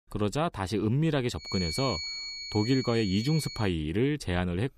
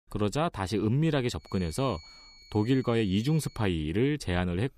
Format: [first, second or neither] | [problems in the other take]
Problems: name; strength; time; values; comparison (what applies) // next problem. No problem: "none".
second | high-pitched whine; loud; from 1.5 to 3.5 s; 4.5 kHz, 6 dB below the speech; faint in the second